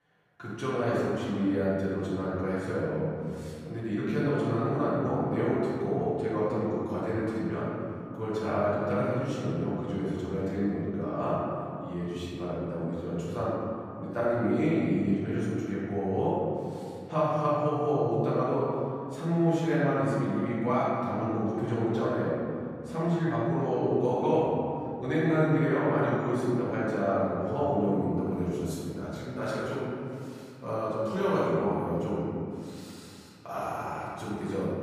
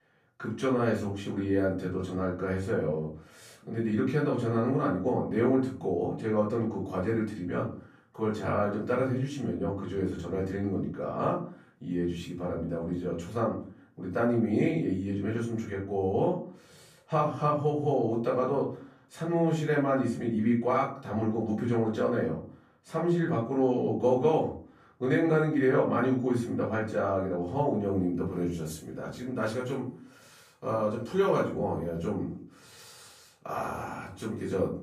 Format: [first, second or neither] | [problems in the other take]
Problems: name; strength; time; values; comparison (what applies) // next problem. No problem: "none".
second | room echo; strong; dies away in 2.3 s; slight in the second // off-mic speech; far; far in the second